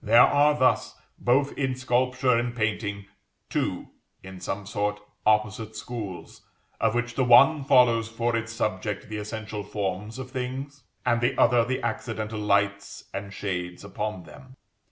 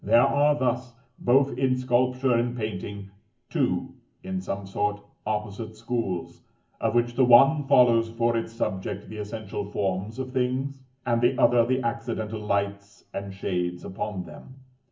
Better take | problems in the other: first | room echo; dies away in 0.3 s

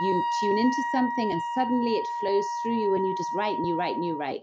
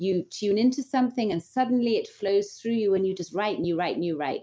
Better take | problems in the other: second | background sound (Wind instrument, woodwind instrument); 2 dB below the speech

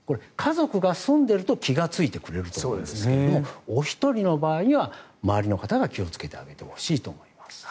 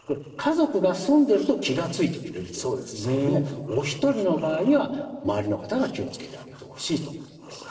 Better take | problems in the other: first | noise reduction (neural separator model SepFormer DNS4)

